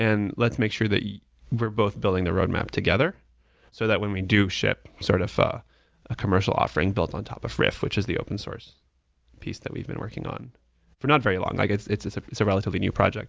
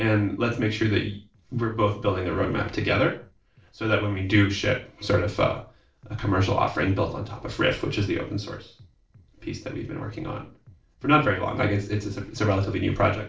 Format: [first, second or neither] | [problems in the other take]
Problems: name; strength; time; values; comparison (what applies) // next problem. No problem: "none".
first | noise reduction (neural separator model SepFormer DNS4)